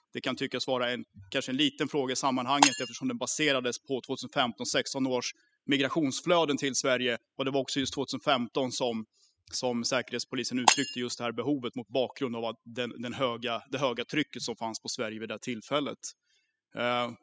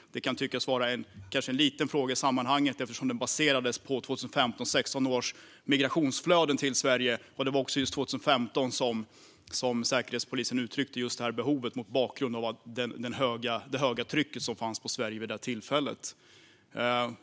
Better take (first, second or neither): second